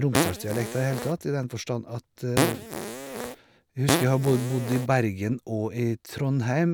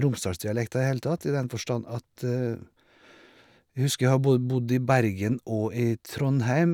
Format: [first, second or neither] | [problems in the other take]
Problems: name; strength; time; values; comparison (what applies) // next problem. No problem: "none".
second | background sound (Fart); 2 dB below the speech